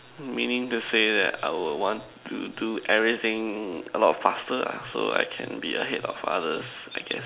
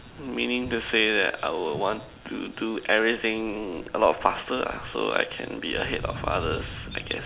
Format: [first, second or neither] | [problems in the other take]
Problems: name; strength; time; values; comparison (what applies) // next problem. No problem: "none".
first | background sound (Thunder); 14 dB below the speech